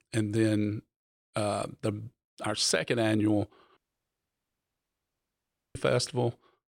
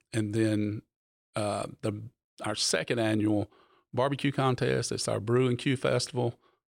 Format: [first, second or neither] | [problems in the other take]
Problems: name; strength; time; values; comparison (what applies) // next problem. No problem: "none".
second | audio cutting out; at 4 s for 2 s